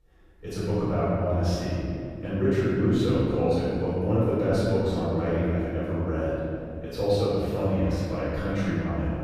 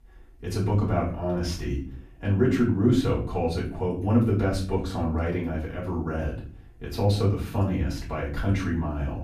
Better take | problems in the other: second | room echo; strong; dies away in 2.6 s; slight in the second // off-mic speech; far; far in the second

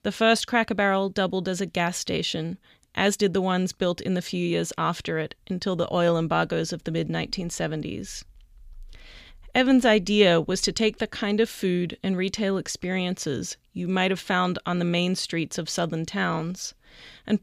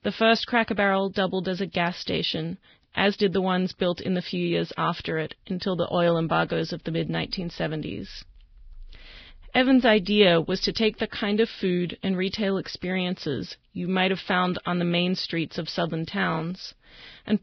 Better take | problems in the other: first | garbled, watery; badly; nothing above 5.5 kHz

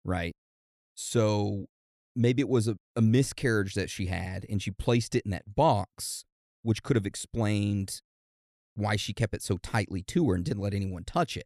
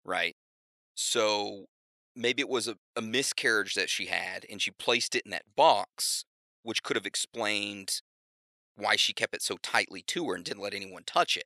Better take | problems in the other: first | thin; very; fading below 550 Hz

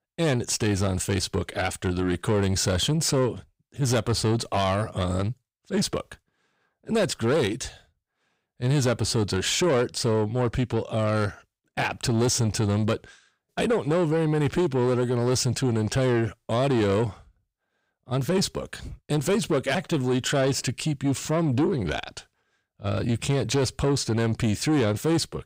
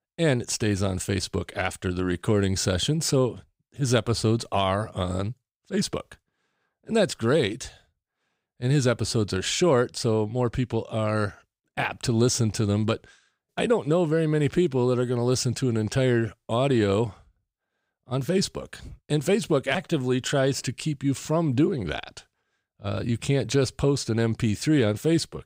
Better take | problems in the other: second | distortion; slight; 10 dB below the speech

